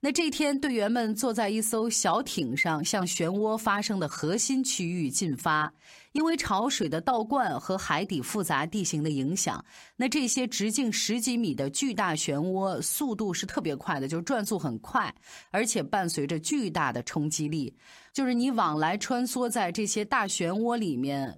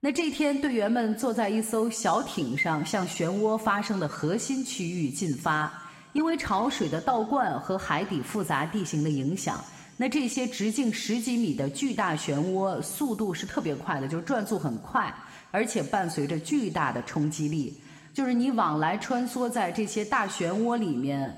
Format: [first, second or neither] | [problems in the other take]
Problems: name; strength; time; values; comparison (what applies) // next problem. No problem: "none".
first | room echo; slight; dies away in 1.7 s